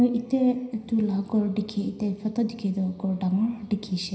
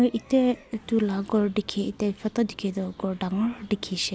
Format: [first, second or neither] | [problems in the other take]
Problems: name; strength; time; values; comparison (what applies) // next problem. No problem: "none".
second | room echo; dies away in 0.9 s